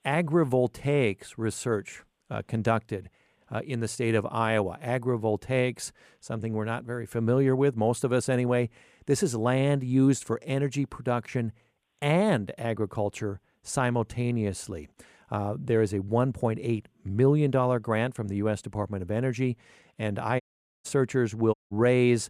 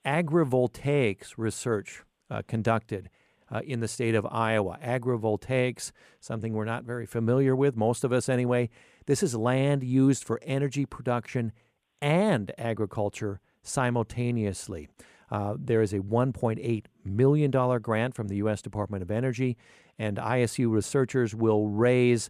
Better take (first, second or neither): second